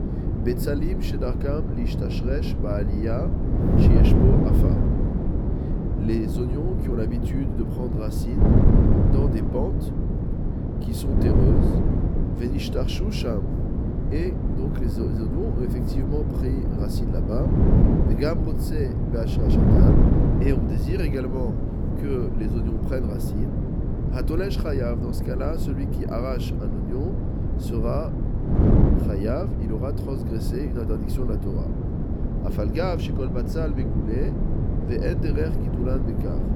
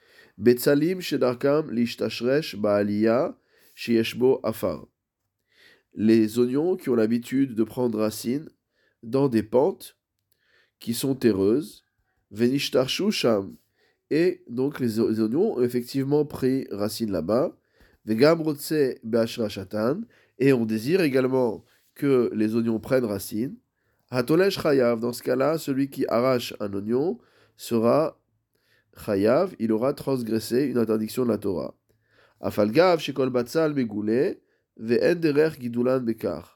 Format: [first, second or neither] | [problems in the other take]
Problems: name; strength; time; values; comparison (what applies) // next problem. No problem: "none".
second | wind noise on the microphone; heavy; 1 dB above the speech